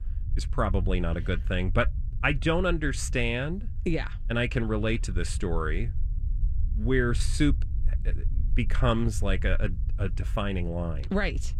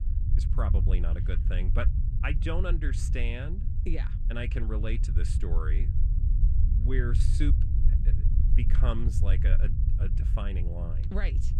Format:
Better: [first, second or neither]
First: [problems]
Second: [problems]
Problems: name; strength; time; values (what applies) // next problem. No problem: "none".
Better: first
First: low rumble; faint; throughout; 20 dB below the speech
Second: low rumble; loud; throughout; 7 dB below the speech